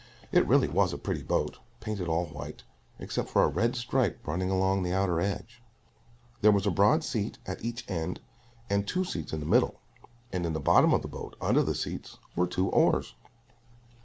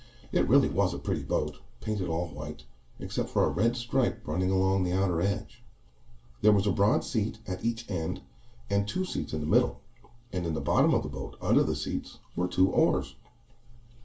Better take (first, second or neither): first